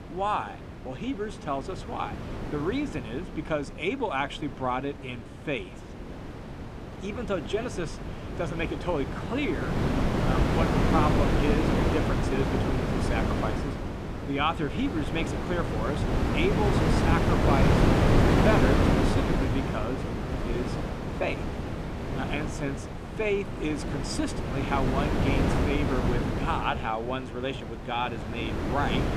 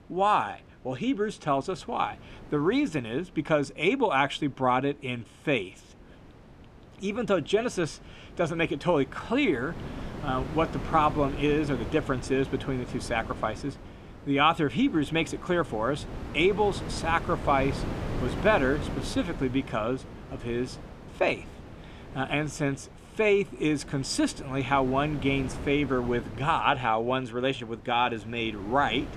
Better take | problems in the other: second | wind noise on the microphone; heavy; as loud as the speech; occasional gusts in the second

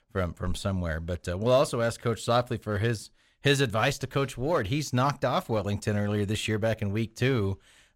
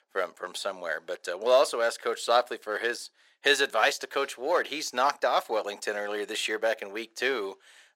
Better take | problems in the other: first | thin; very; fading below 400 Hz

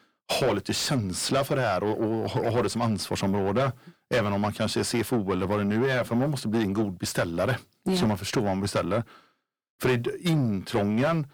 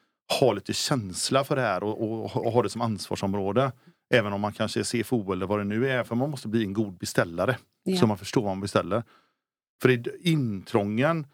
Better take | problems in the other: second | distortion; heavy; 6 dB below the speech

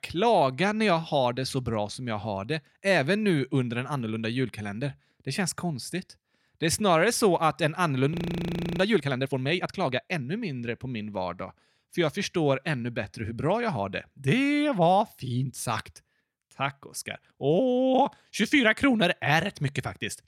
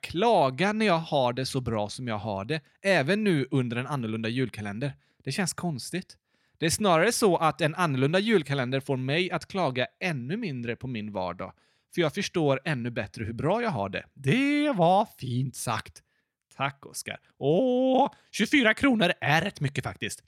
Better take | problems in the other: second | audio freezing; at 8 s for 0.5 s

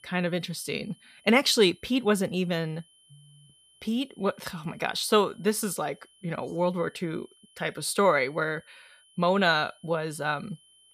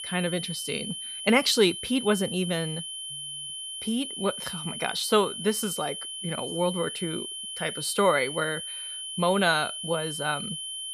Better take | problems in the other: first | high-pitched whine; loud; throughout; 3 kHz, 7 dB below the speech; faint in the first

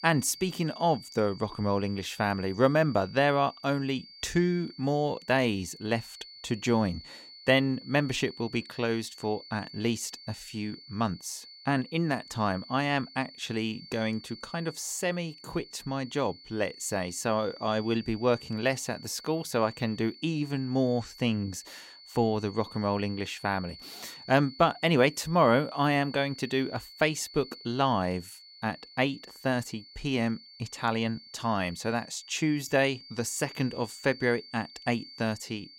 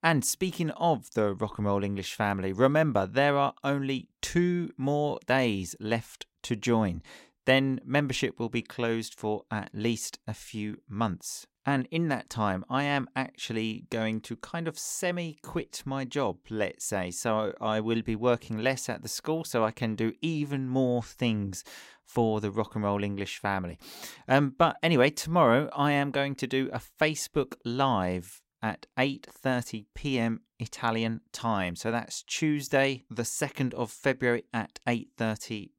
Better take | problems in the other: second | high-pitched whine; noticeable; throughout; 4.5 kHz, 15 dB below the speech

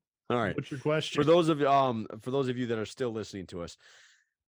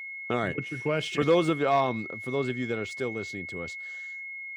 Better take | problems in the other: first | high-pitched whine; loud; throughout; 2 kHz, 8 dB below the speech

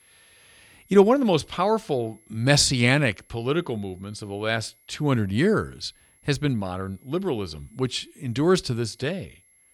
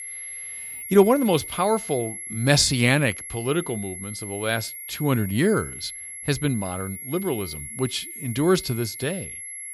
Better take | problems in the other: first | high-pitched whine; loud; throughout; 11.5 kHz, 10 dB below the speech; faint in the first

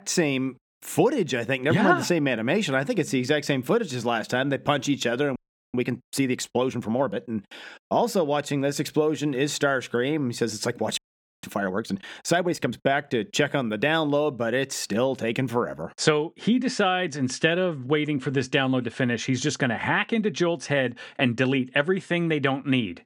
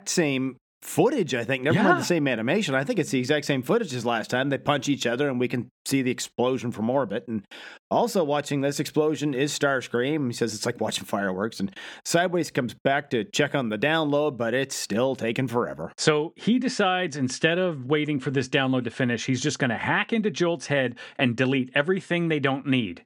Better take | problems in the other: second | audio freezing; at 5.5 s and at 11 s

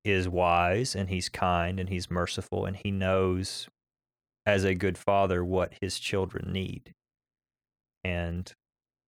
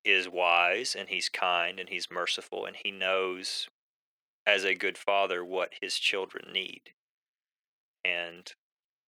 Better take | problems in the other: first | thin; very; fading below 350 Hz

